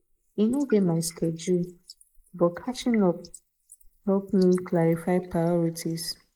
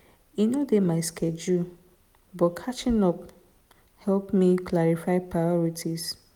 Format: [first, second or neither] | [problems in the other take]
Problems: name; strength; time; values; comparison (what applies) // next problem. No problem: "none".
second | noise reduction (neural mask model Resemble Enhance denoiser)